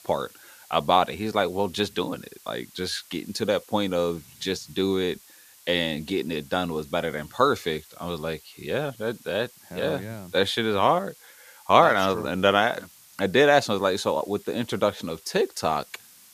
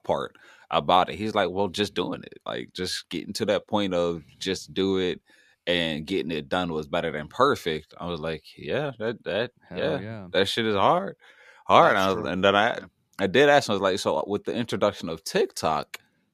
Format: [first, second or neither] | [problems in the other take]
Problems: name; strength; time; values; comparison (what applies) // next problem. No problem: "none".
second | hiss; faint; throughout; 25 dB below the speech